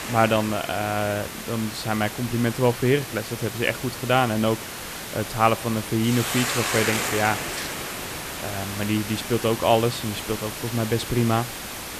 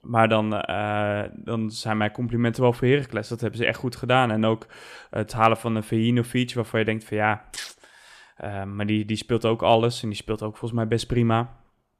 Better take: second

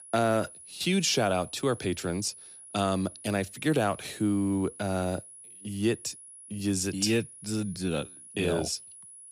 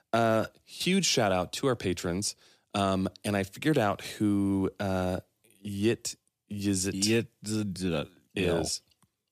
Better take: second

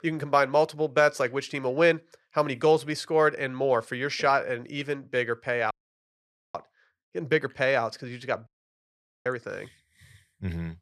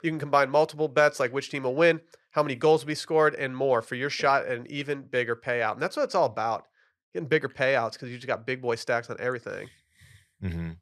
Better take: second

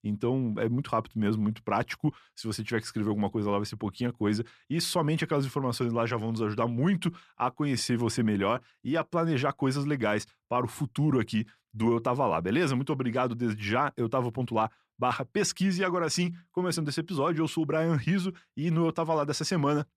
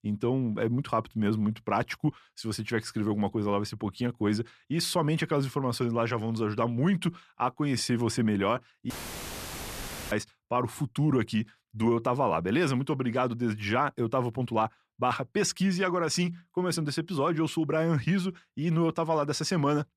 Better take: first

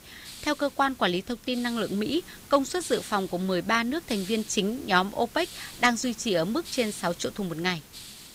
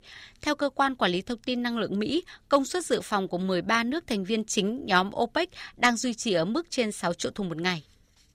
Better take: second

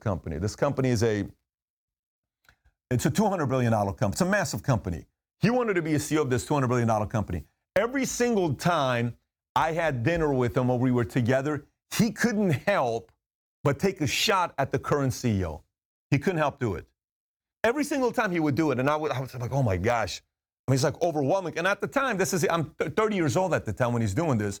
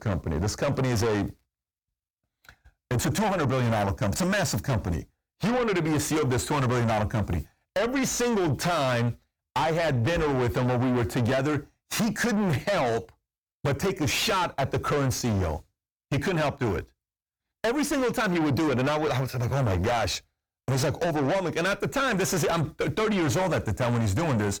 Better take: first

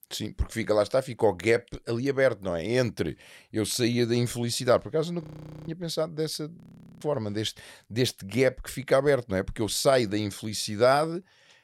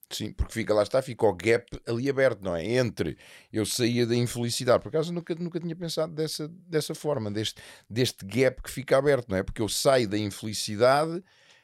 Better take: second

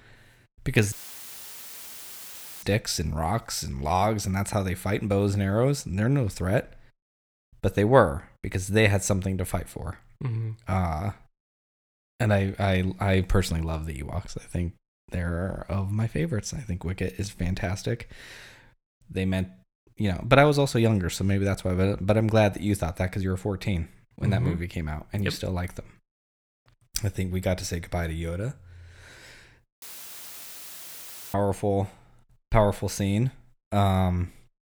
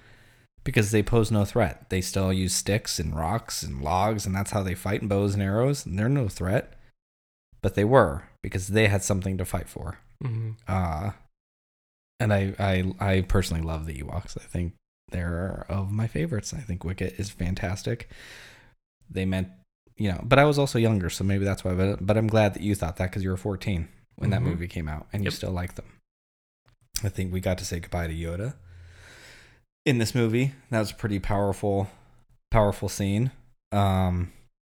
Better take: second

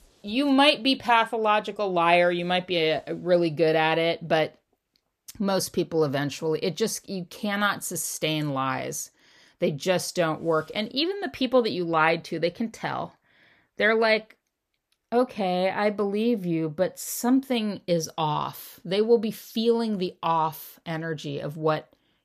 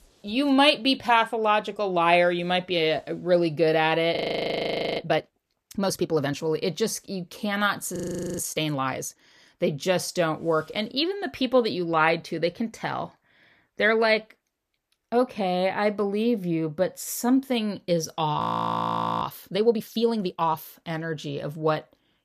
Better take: first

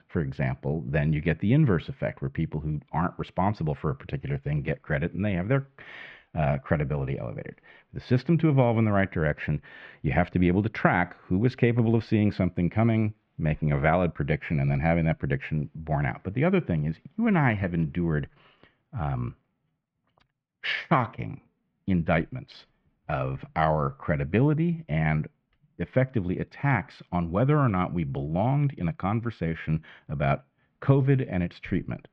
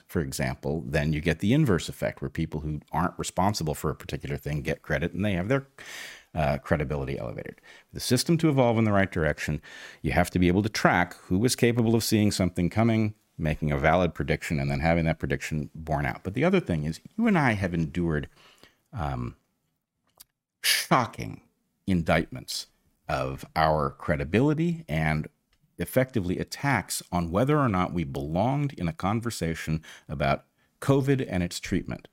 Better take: second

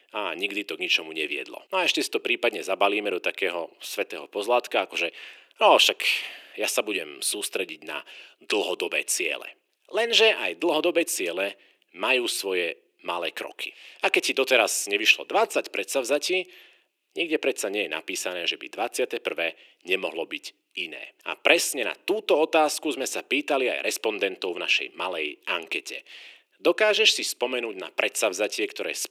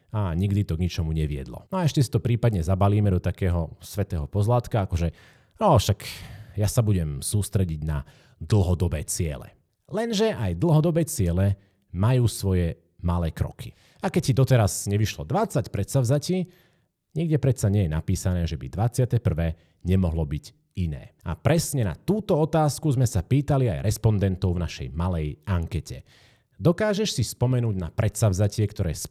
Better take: second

